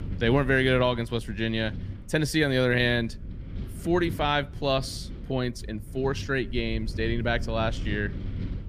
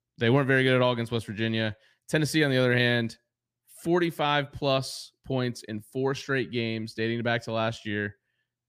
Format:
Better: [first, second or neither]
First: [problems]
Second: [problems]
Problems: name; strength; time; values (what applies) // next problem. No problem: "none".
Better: second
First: wind noise on the microphone; occasional gusts; 20 dB below the speech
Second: none